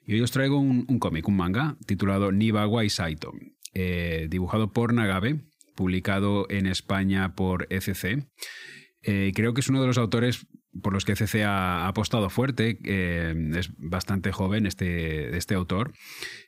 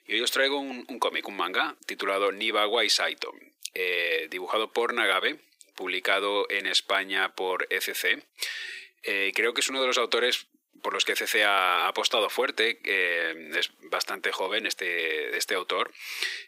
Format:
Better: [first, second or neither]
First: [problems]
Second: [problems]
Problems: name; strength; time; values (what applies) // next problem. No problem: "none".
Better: first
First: none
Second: thin; very; fading below 400 Hz